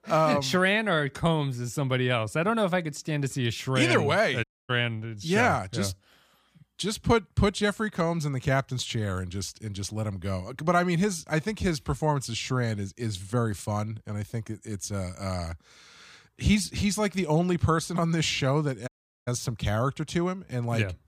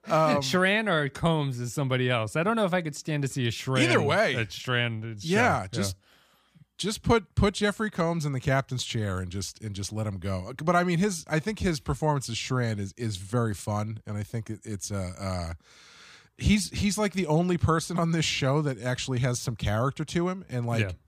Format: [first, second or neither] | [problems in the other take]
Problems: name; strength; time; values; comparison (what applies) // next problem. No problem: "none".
second | audio cutting out; at 4.5 s and at 19 s